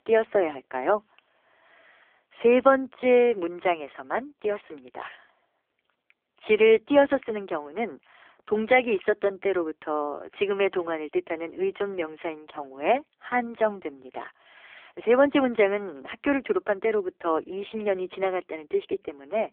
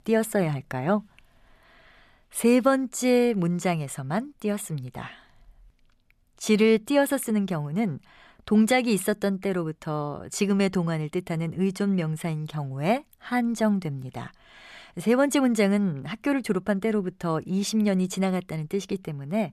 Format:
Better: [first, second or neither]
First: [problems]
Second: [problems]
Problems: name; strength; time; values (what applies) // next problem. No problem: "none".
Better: second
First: phone-call audio; poor line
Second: none